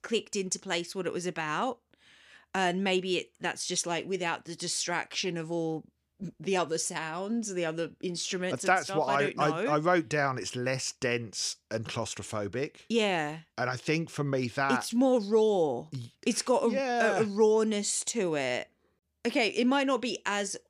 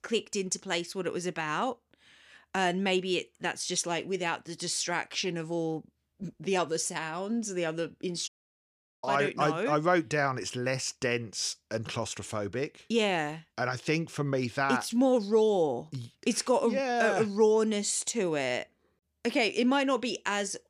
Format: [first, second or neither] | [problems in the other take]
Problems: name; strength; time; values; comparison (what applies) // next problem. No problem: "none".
first | audio cutting out; at 8.5 s for 1 s